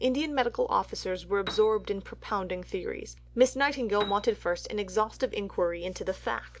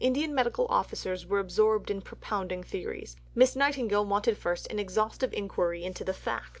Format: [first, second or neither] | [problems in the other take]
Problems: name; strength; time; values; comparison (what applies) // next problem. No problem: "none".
second | background sound (Piano); 14 dB below the speech